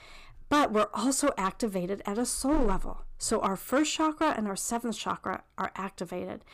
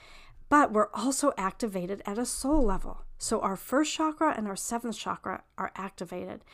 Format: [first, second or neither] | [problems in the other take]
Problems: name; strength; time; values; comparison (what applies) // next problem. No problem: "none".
second | distortion; slight; 4% of the sound clipped